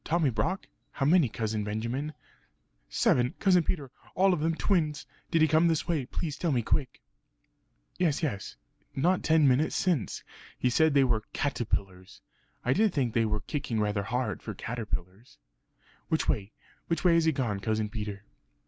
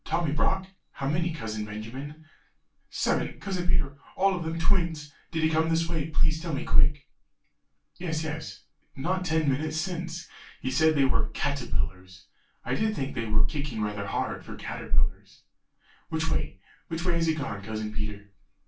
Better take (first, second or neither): first